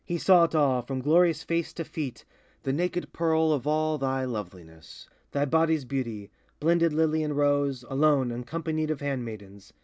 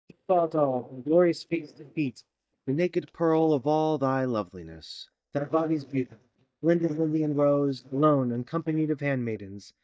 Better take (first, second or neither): first